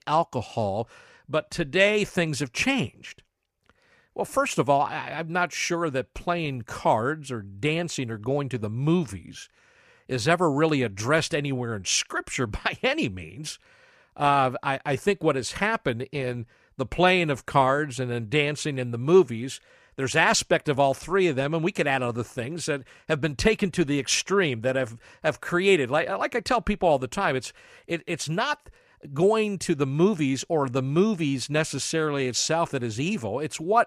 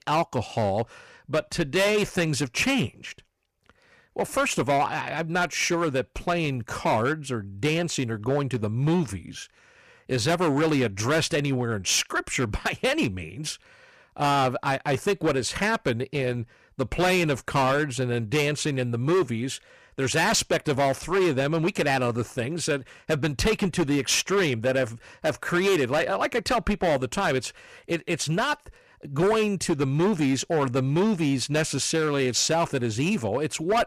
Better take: first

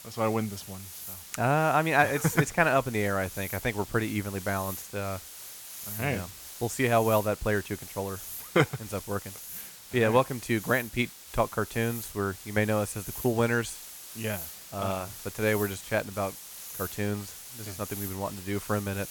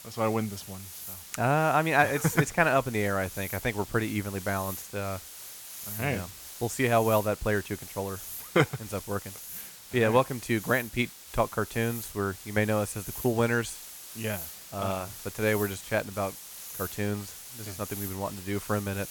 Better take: neither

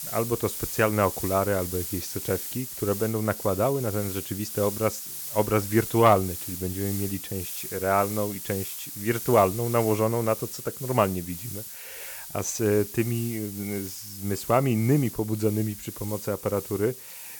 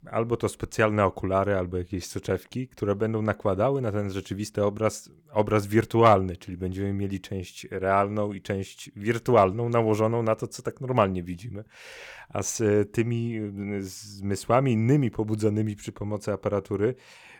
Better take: second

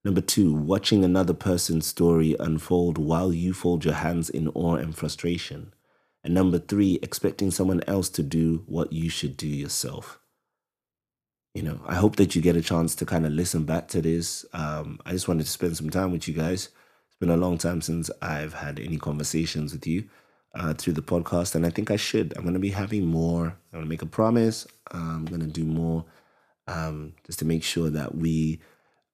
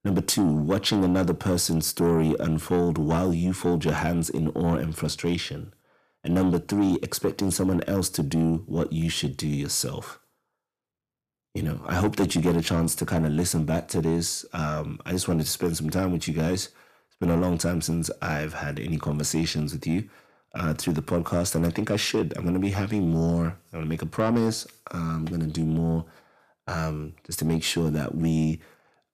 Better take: first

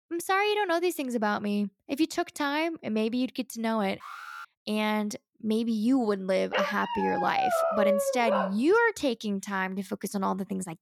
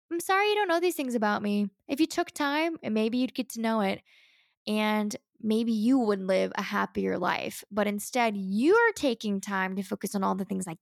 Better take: second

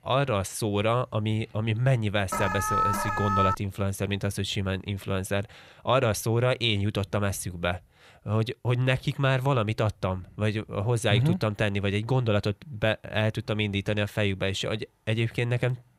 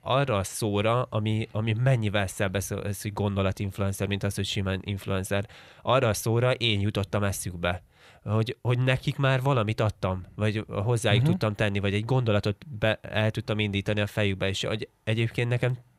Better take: second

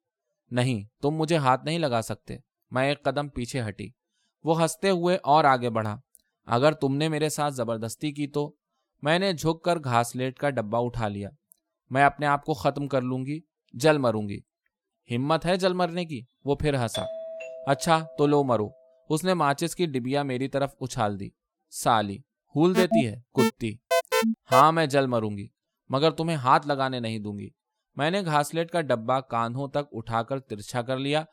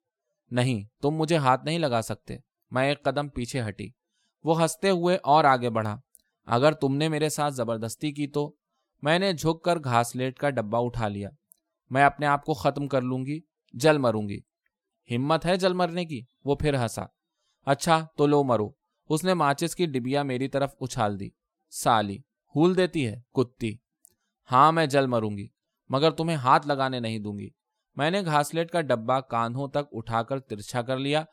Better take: second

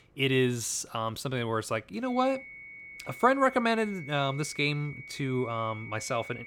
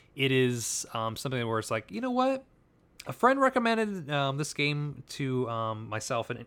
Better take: second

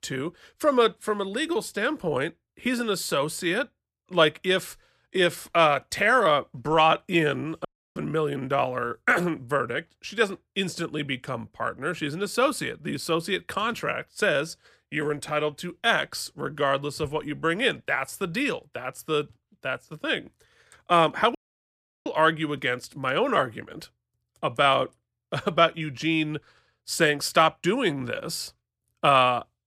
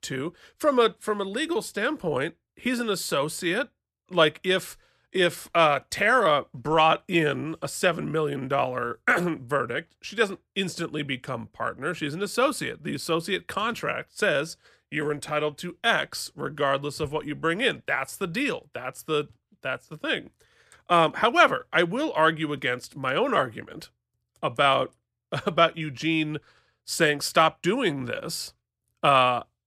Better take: second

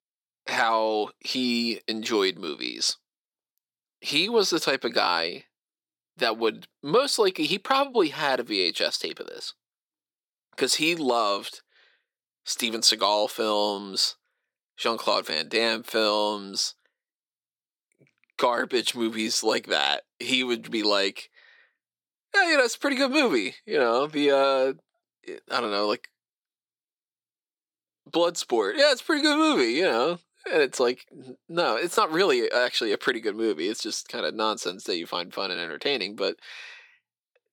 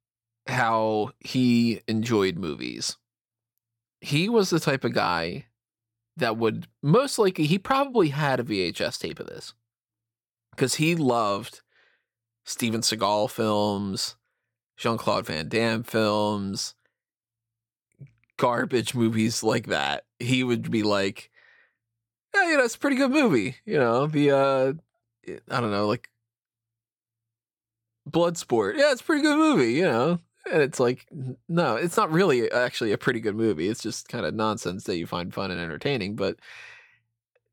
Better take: second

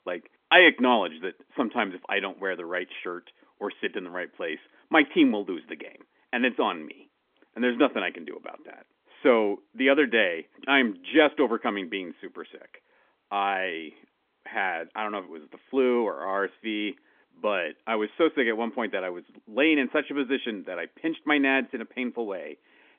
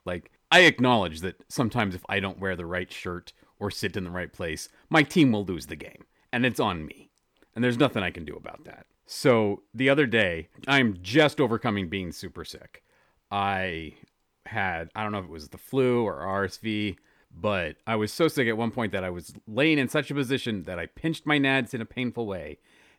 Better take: second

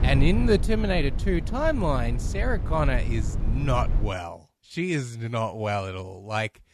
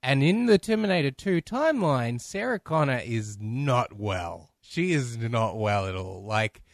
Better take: second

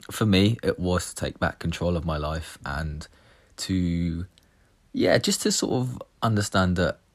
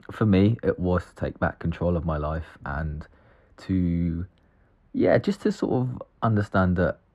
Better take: first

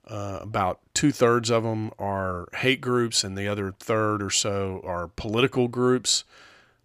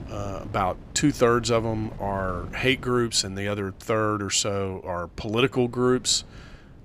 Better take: first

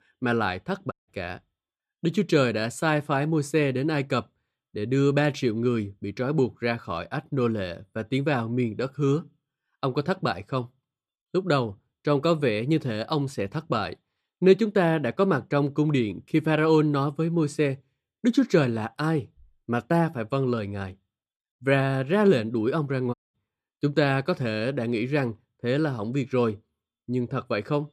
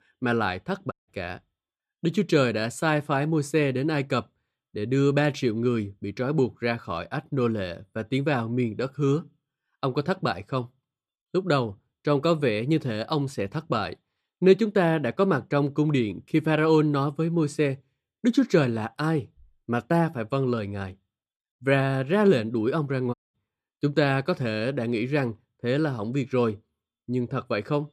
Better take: neither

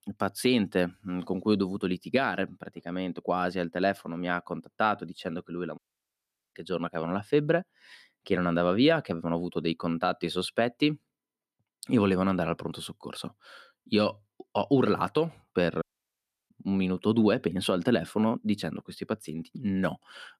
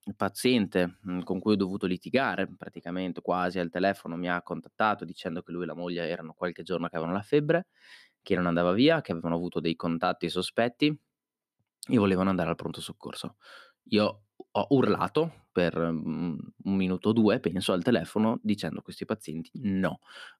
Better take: second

